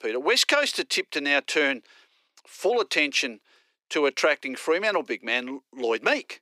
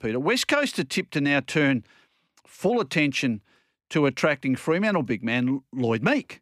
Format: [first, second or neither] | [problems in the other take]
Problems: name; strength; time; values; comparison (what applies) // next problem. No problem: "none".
second | thin; somewhat; fading below 400 Hz